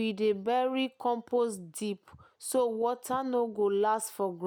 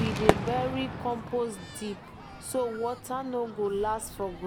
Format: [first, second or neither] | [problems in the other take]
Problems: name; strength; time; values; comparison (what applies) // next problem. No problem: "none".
first | background sound (Crowd / Fireworks); 2 dB below the speech